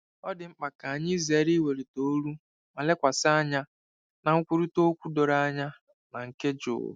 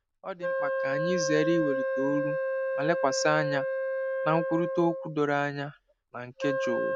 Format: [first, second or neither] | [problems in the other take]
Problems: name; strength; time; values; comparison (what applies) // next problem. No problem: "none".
first | background sound (Wind instrument, woodwind instrument); as loud as the speech